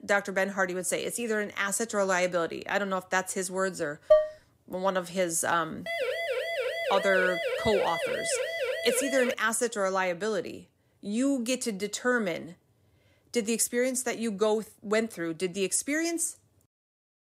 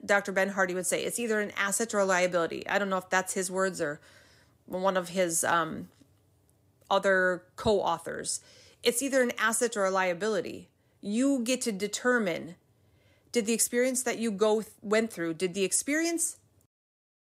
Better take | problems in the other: second | clattering dishes; loud; at 4 s; peak 5 dB above the speech // siren; noticeable; from 6 to 9.5 s; peak 1 dB below the speech

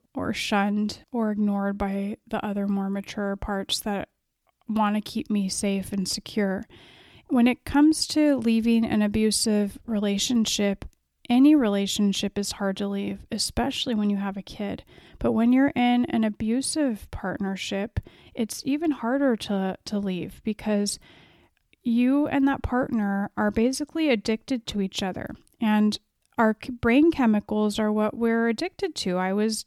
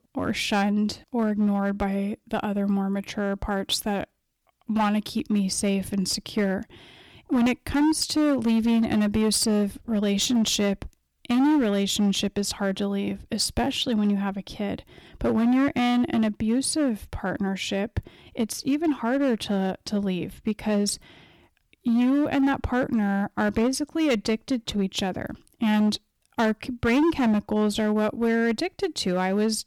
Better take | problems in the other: first | distortion; slight; 9% of the sound clipped

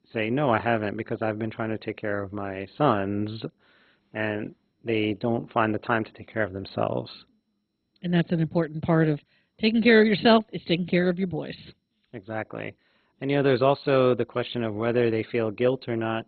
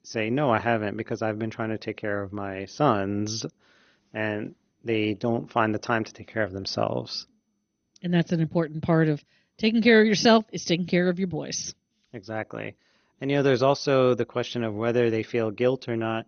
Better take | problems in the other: second | garbled, watery; badly; nothing above 4 kHz; slightly in the second

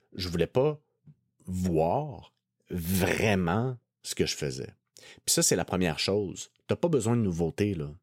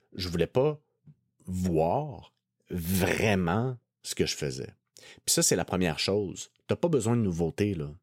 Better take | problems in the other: neither | none

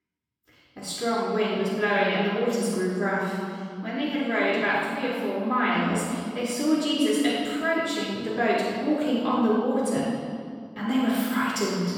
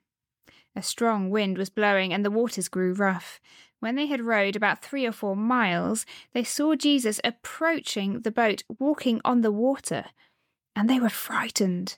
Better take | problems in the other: second | off-mic speech; far // room echo; strong; dies away in 2 s

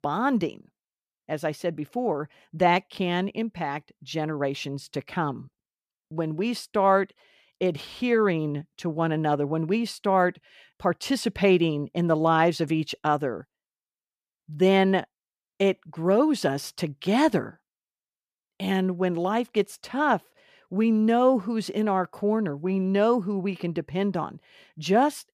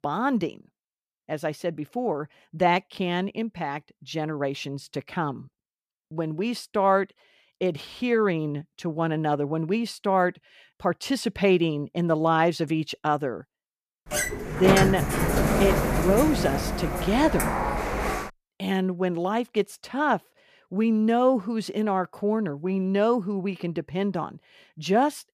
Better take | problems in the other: first | door banging; loud; from 14 to 18 s; peak 4 dB above the speech

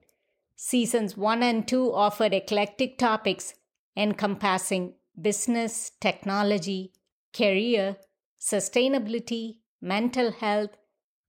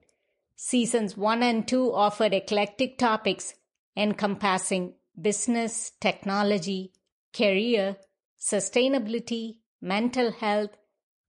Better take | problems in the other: first | garbled, watery; slightly; nothing above 9.5 kHz

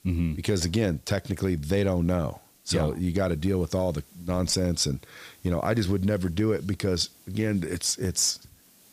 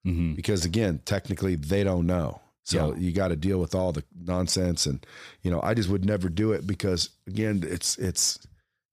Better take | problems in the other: second | hiss; faint; throughout; 25 dB below the speech

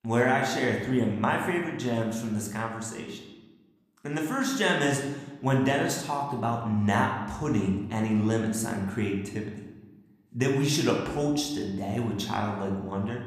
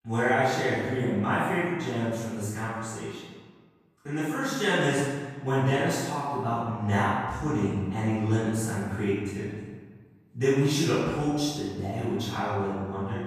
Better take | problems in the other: first | room echo; strong; dies away in 1.3 s; slight in the first // off-mic speech; far; somewhat distant in the first

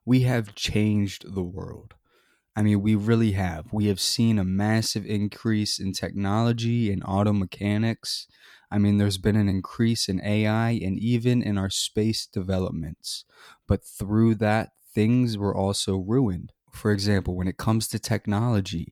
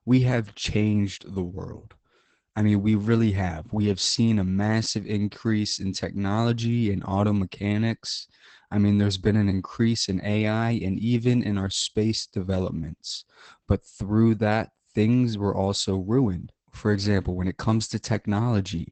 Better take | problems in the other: first | garbled, watery; badly; nothing above 8 kHz

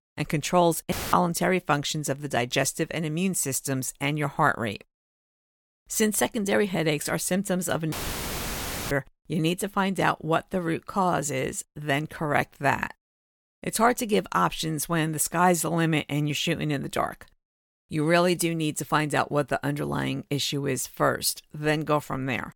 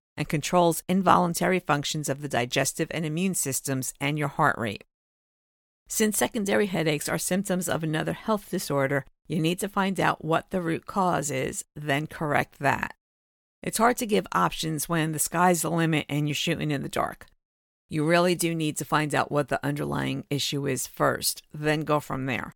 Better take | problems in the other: second | audio cutting out; filled with static; at 1 s and at 8 s for 1 s

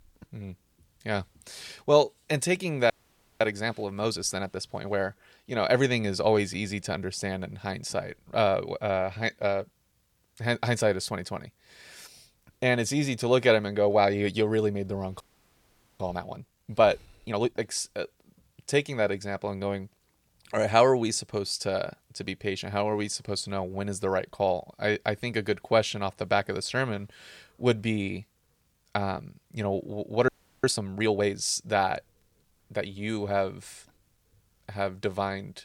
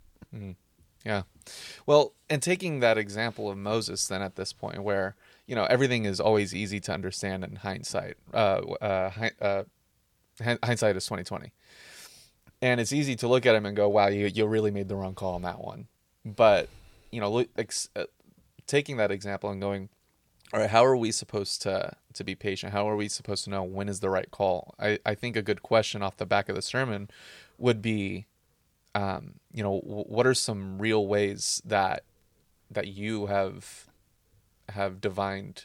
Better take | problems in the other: second | audio freezing; at 3 s for 0.5 s, at 15 s for 1 s and at 30 s

